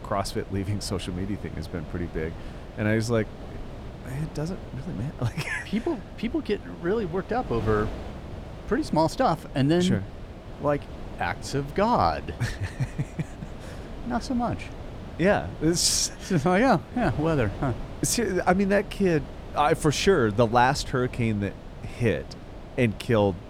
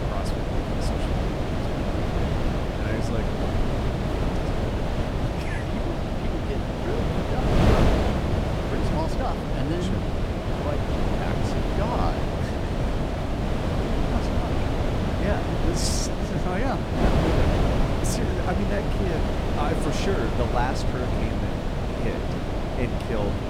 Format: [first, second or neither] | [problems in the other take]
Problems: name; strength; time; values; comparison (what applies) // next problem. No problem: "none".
first | wind noise on the microphone; heavy; 4 dB above the speech; occasional gusts in the first